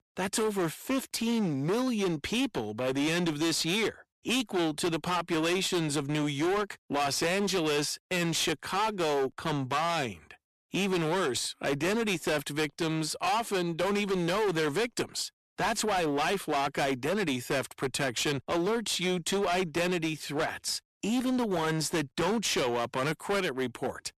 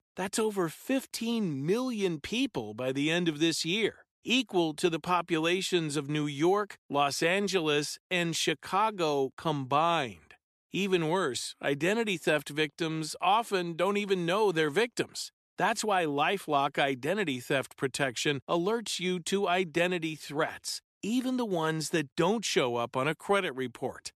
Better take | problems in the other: second | distortion; heavy; 22% of the sound clipped

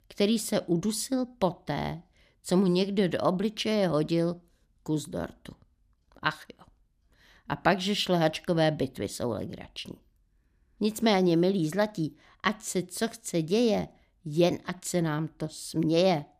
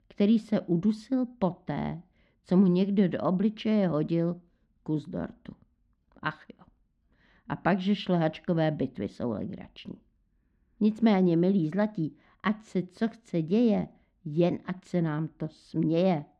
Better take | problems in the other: first | muffled; slightly; fading above 2.5 kHz

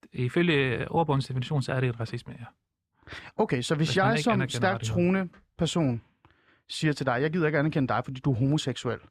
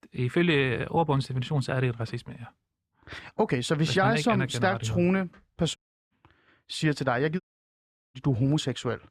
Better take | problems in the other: first | audio cutting out; at 6 s and at 7.5 s for 0.5 s

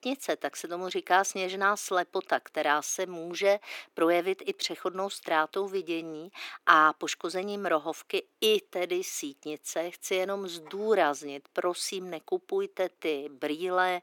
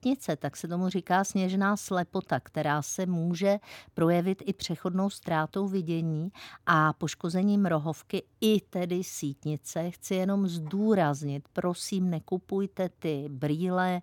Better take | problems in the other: second | thin; very; fading below 350 Hz

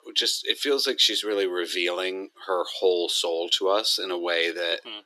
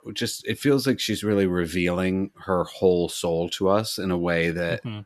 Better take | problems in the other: second | thin; very; fading below 350 Hz

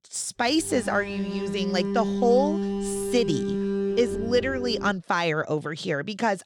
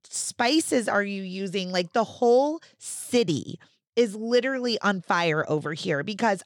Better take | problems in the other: second | alarm; noticeable; until 5 s; peak 1 dB below the speech

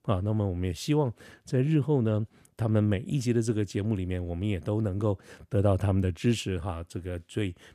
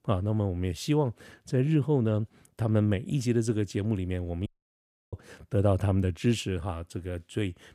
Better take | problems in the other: first | audio cutting out; at 4.5 s for 0.5 s

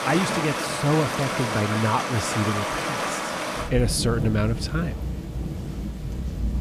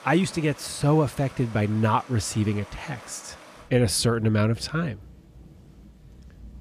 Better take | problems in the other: second | rain or running water; loud; throughout; 2 dB below the speech; faint in the second

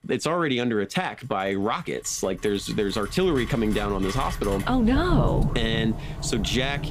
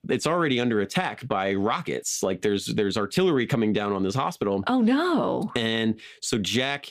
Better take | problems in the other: second | rain or running water; loud; throughout; 6 dB below the speech

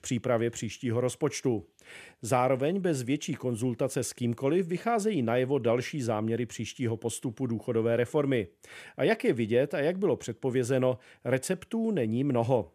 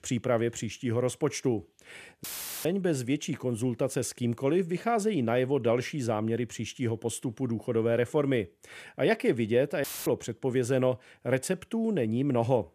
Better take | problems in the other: first | audio cutting out; filled with static; at 2 s and at 10 s

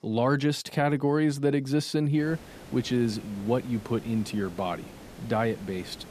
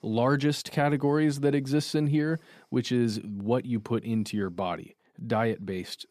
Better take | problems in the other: second | hiss; noticeable; from 2 s on; 20 dB below the speech

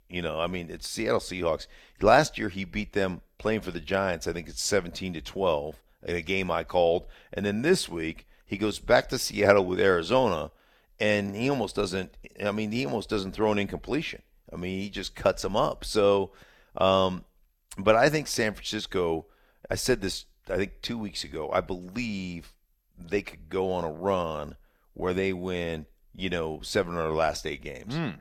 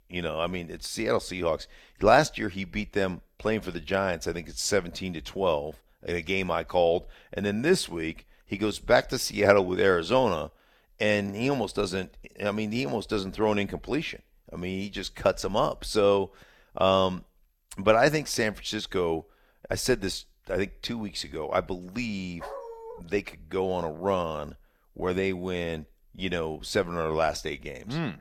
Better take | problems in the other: first | dog barking; faint; at 22 s; peak 10 dB below the speech

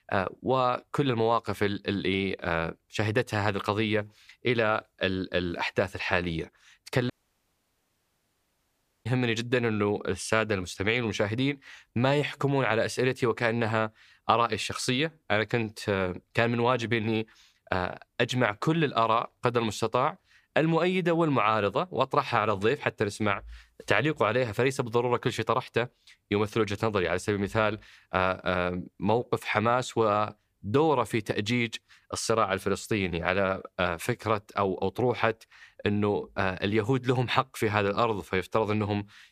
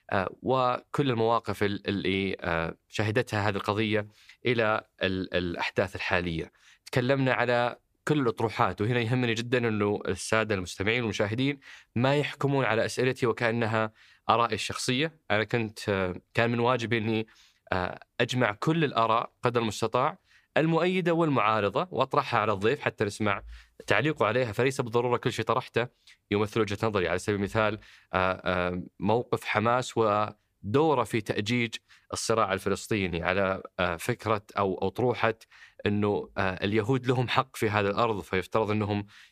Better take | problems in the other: second | audio cutting out; at 7 s for 2 s

